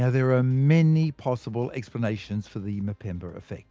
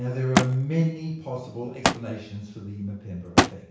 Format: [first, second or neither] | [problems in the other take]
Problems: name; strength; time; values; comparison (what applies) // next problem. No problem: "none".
first | background sound (Thump, thud); 1 dB above the speech // room echo; dies away in 0.7 s